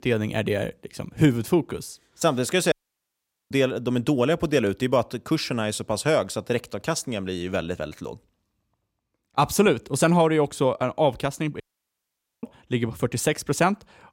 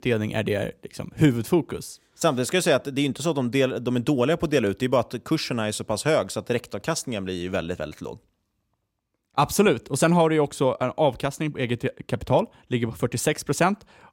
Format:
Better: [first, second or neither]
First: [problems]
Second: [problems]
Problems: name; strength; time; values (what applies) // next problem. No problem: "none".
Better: second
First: audio cutting out; at 2.5 s for 1 s and at 12 s for 1 s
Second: none